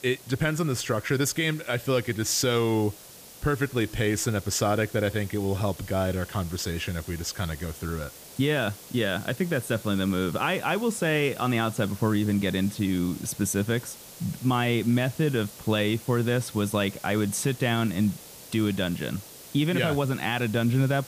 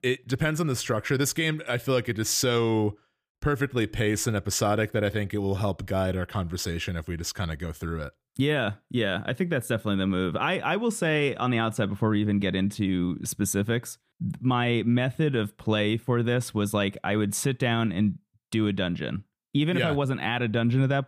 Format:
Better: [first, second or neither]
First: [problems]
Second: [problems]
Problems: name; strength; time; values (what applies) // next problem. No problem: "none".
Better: second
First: hiss; noticeable; throughout; 15 dB below the speech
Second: none